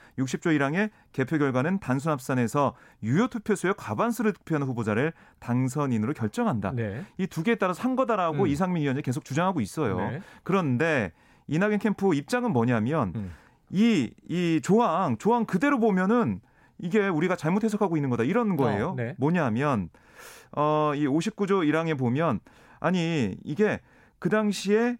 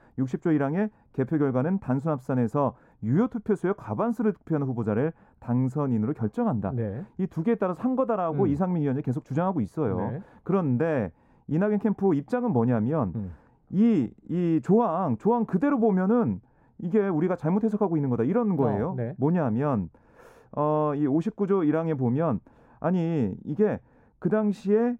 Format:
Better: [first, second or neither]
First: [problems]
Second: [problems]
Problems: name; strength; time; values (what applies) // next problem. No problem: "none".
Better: first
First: none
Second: muffled; very; fading above 1.5 kHz